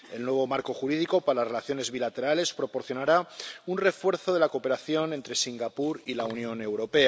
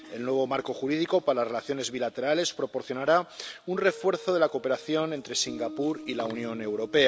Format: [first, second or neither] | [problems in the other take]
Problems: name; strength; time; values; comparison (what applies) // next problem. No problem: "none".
first | background sound (Guitar); 18 dB below the speech